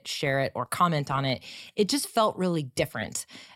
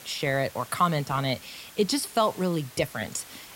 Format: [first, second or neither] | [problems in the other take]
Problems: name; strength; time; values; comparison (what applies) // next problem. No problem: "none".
first | hiss; noticeable; throughout; 20 dB below the speech